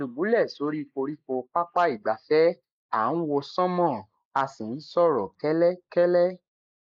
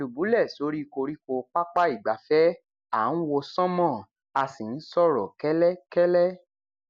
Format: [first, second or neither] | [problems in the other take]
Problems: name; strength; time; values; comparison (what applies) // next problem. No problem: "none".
second | noise reduction (neural mask model Resemble Enhance denoiser)